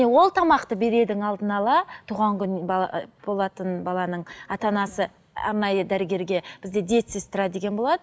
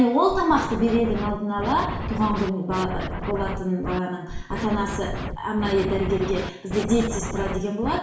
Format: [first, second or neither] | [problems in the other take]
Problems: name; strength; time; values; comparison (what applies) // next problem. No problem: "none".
first | background sound (Scratching (performance technique)); 6 dB below the speech // room echo; dies away in 0.7 s